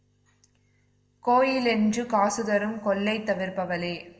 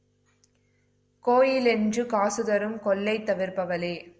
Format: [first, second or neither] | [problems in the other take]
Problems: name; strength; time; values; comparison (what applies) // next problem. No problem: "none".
second | room echo; dies away in 1.9 s